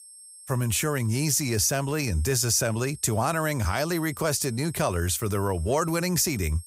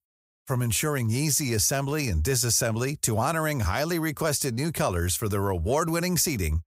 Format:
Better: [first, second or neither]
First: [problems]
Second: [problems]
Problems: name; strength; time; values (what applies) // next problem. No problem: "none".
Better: second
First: high-pitched whine; noticeable; throughout; 8 kHz, 20 dB below the speech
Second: none